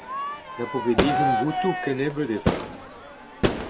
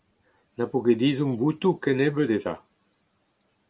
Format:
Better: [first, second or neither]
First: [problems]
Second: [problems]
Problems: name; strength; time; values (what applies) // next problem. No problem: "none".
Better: second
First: background sound (Crowd / Fireworks); 2 dB above the speech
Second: none